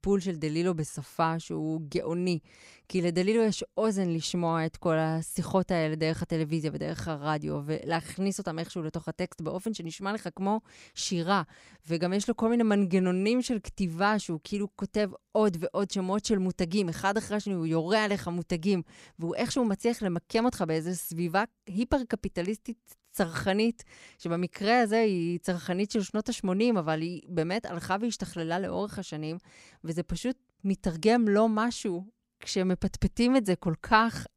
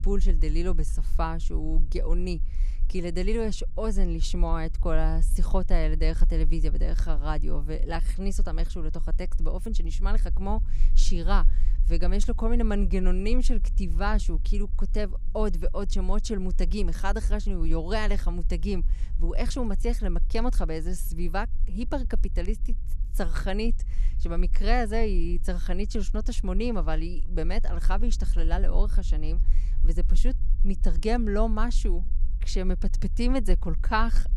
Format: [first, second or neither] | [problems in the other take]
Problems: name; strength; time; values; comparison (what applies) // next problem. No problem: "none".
first | low rumble; faint; throughout; 20 dB below the speech